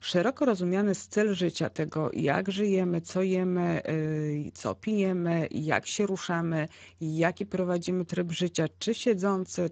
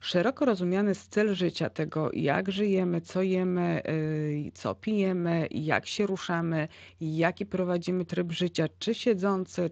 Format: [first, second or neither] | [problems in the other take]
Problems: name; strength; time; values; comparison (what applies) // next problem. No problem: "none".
second | garbled, watery; badly; nothing above 7.5 kHz; slightly in the second